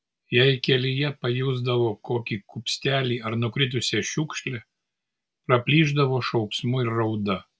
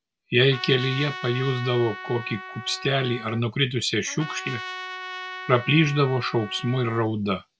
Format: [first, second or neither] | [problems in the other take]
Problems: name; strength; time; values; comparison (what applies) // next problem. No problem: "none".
first | background sound (Trumpet); 12 dB below the speech